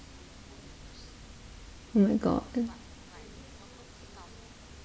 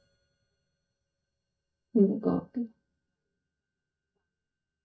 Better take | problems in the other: first | noise reduction (neural mask model DeepFilterNet 3)

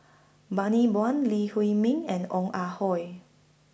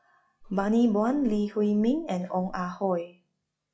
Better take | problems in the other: first | noise reduction (classical method log-MMSE)

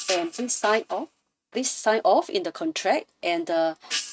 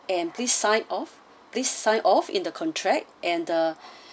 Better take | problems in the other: second | noise reduction (neural mask model RNNoise)

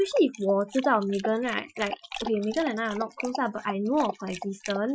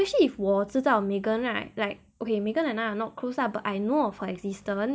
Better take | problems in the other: second | noise reduction (classical method Wiener filter)

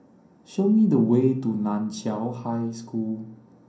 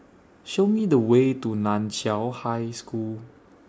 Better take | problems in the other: second | room echo; dies away in 0.6 s

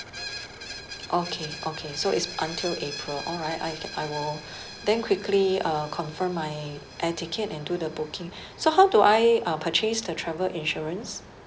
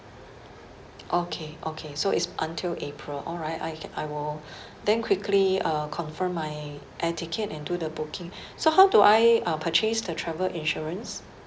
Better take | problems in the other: second | background sound (Screech); 15 dB below the speech

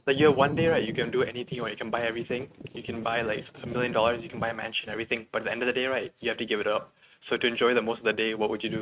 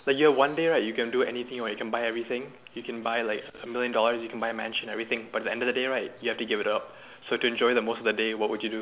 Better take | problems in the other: second | noise reduction (neural mask model RNNoise)

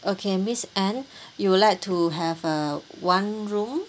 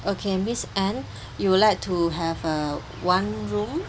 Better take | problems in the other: first | background sound (Insect); 13 dB below the speech

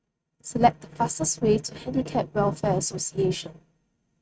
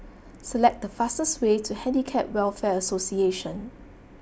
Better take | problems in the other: second | noise reduction (neural mask model RNNoise)

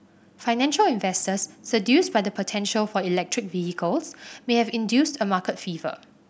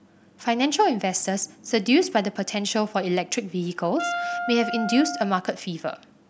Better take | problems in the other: first | background sound (Wind instrument, woodwind instrument); 6 dB below the speech

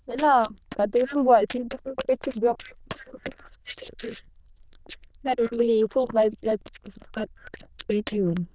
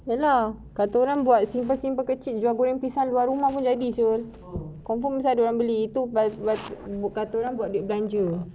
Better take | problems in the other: second | noise reduction (neural diffusion model UNIVERSE++)

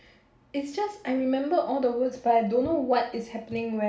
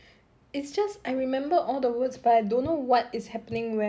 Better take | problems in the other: second | room echo; dies away in 0.5 s

